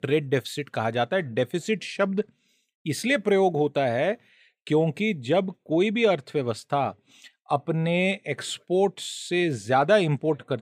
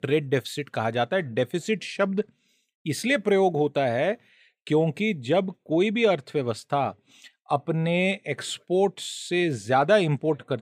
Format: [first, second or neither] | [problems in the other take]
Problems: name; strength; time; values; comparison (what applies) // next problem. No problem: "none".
neither | none